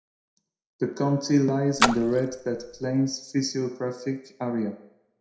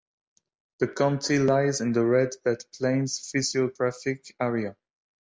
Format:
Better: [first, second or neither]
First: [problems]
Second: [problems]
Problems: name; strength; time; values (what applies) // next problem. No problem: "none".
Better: second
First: background sound (Splash, splatter); 3 dB below the speech // room echo; dies away in 0.6 s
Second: none